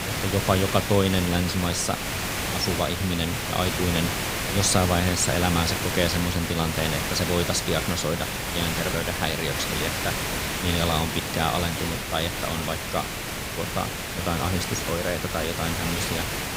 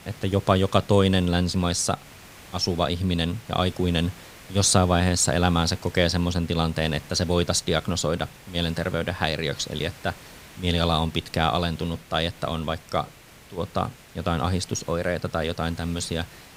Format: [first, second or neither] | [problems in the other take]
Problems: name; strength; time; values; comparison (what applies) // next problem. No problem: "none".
second | hiss; loud; throughout; 1 dB below the speech; faint in the second